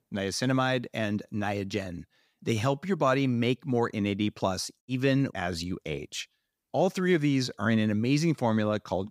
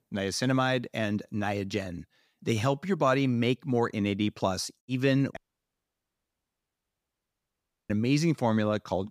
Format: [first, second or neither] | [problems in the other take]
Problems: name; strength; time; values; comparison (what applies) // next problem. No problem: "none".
first | audio cutting out; at 5.5 s for 2.5 s